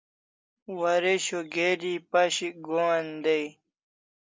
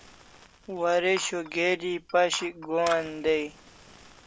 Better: first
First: none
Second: background sound (Glass + Fire); 17 dB below the speech

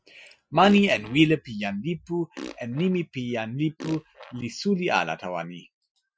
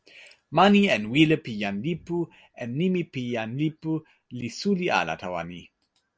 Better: second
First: noise reduction (classical method Wiener filter)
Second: none

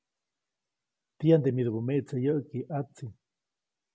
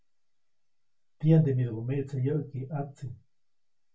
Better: first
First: none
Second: room echo; dies away in 0.2 s

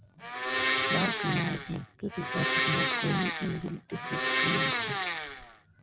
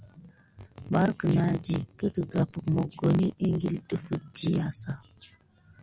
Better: second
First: background sound (Domestic sounds, home sounds); 4 dB above the speech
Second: none

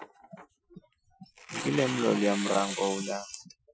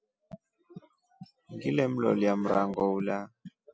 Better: second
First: noise reduction (classical method Wiener filter)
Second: none

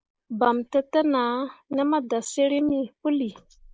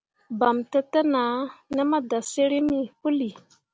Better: second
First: noise reduction (neural mask model Resemble Enhance denoiser)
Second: none

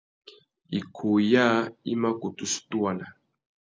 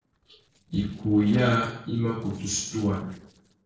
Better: first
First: none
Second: noise reduction (neural separator model SepFormer DNS4)

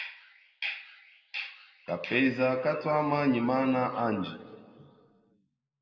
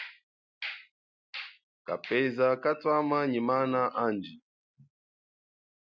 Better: second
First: room echo; dies away in 1.7 s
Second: none

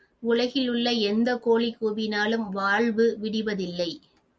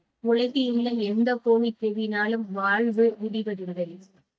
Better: first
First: none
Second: noise reduction (neural mask model DeepFilterNet 3)

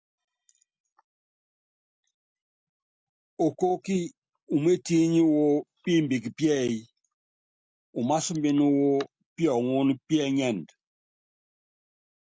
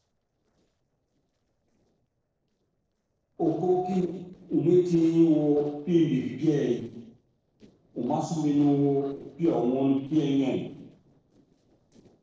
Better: first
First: none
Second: noise reduction (neural separator model SepFormer DNS4)

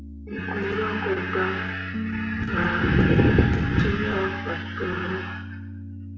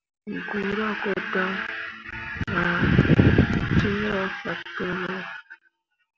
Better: second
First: background sound (Piano); 8 dB below the speech // room echo; dies away in 0.8 s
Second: none

